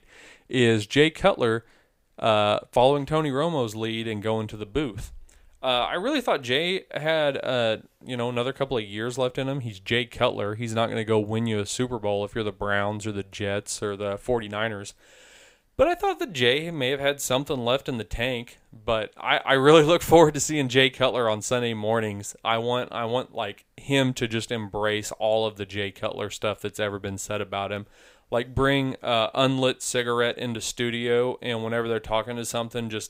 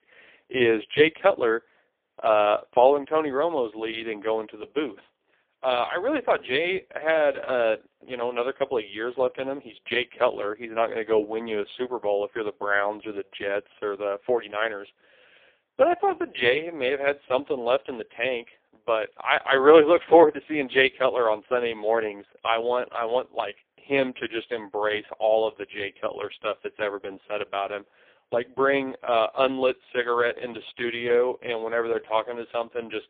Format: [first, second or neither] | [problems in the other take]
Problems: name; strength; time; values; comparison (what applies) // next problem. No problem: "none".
first | phone-call audio; poor line; nothing above 3.5 kHz